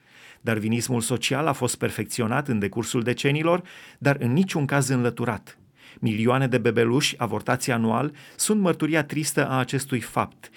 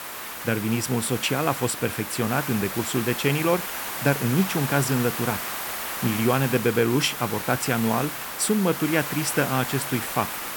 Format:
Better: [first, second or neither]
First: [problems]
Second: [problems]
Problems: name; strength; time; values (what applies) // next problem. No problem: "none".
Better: first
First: none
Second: hiss; loud; throughout; 5 dB below the speech